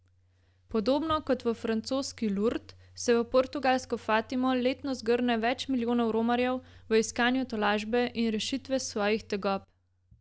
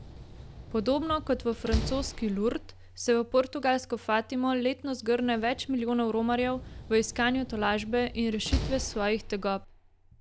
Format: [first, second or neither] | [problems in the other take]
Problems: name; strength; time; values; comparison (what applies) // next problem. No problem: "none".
first | background sound (Slam); 10 dB below the speech